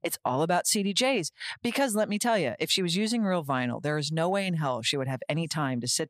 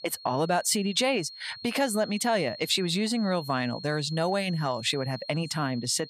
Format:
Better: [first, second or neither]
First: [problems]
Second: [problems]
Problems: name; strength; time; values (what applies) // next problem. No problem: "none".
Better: first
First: none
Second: high-pitched whine; noticeable; throughout; 4.5 kHz, 15 dB below the speech